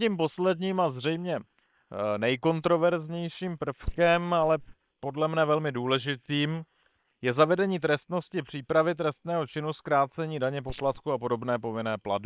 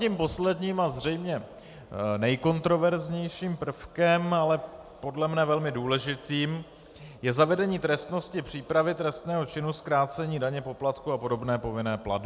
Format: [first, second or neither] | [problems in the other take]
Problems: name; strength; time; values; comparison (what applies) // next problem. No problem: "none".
second | noise reduction (neural separator model SepFormer WHAM!)